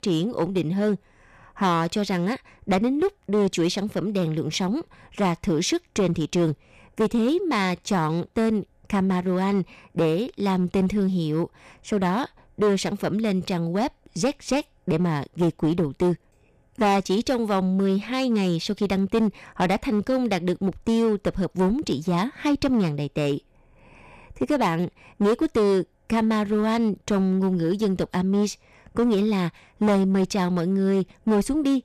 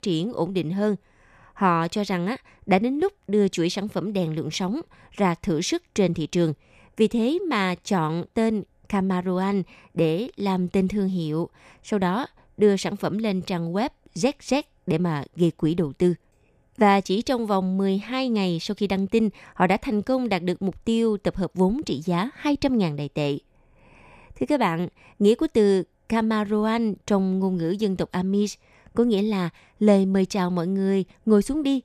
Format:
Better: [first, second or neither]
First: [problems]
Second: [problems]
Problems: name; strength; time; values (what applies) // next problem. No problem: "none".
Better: second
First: distortion; slight; 7% of the sound clipped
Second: none